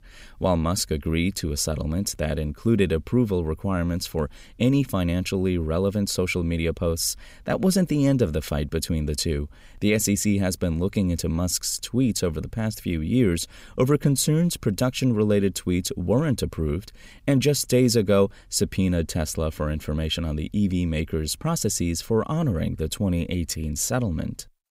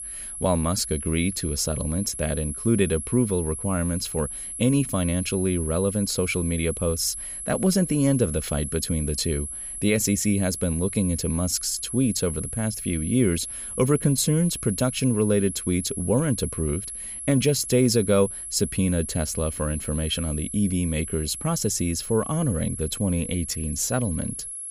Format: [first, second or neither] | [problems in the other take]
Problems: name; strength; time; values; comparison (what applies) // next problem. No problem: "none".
first | high-pitched whine; loud; throughout; 11 kHz, 7 dB below the speech